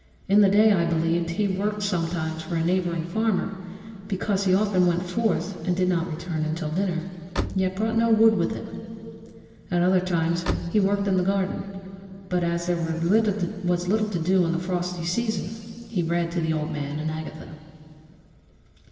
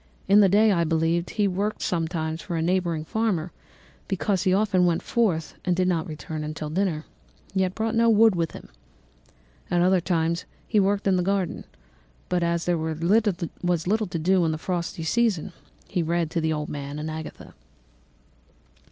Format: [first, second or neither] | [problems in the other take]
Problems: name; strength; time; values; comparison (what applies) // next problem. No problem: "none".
second | background sound (Slam); 9 dB below the speech // room echo; dies away in 2.6 s